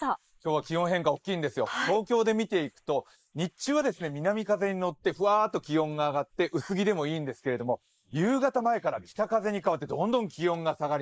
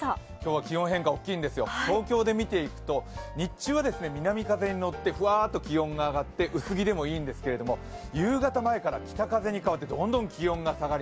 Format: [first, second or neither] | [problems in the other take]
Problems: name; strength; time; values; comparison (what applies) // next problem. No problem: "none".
second | noise reduction (neural mask model Resemble Enhance denoiser)